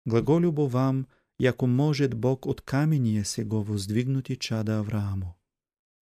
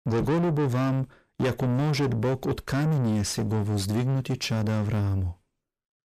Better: first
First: none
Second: distortion; heavy; 7 dB below the speech

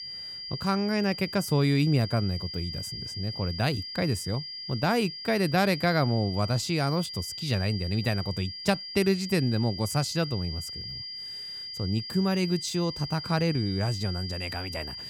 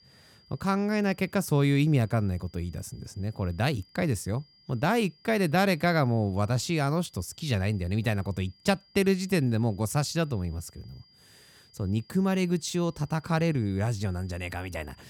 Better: second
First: high-pitched whine; loud; throughout; 5 kHz, 8 dB below the speech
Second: high-pitched whine; faint; throughout; 5 kHz, 30 dB below the speech

